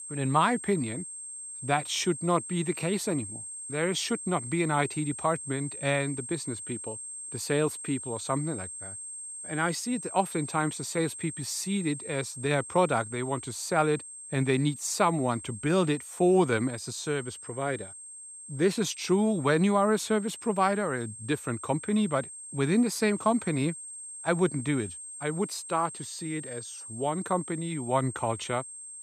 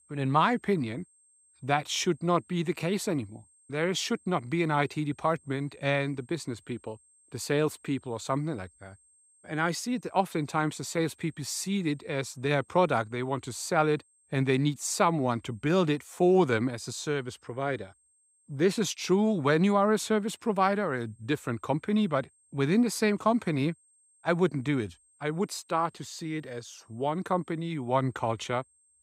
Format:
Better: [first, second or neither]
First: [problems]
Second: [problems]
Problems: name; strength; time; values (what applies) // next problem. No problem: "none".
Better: second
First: high-pitched whine; loud; throughout; 8.5 kHz, 10 dB below the speech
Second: high-pitched whine; faint; throughout; 8.5 kHz, 35 dB below the speech